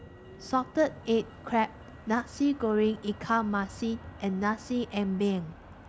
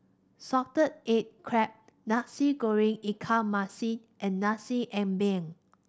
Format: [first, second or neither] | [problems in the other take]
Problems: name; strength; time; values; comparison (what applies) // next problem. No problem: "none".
second | background sound (Motor vehicle (road)); 18 dB below the speech